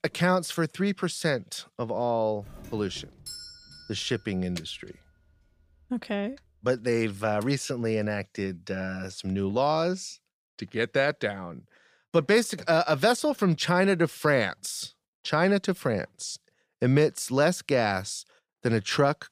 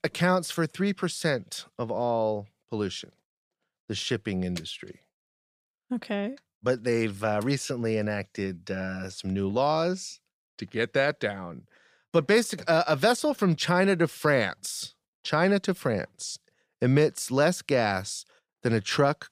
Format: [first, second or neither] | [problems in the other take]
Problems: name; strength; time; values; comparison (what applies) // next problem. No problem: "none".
second | doorbell; faint; from 2.5 to 6 s; peak 10 dB below the speech